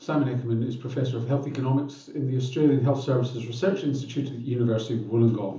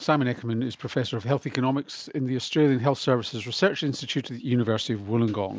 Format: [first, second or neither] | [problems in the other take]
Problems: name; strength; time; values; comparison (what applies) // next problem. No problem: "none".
second | room echo; dies away in 0.7 s